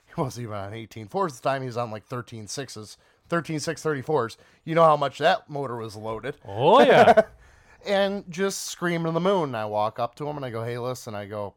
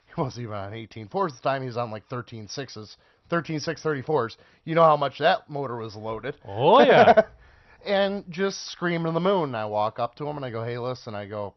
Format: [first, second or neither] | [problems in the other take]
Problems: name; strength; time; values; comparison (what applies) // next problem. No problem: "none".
first | garbled, watery; slightly; nothing above 6 kHz